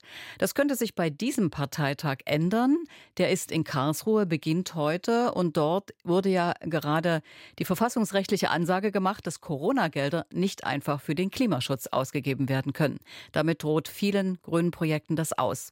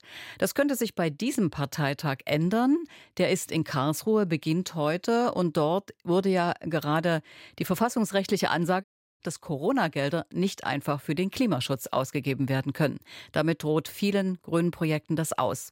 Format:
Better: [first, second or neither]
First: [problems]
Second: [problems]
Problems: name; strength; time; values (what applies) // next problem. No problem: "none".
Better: first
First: none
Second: audio cutting out; at 9 s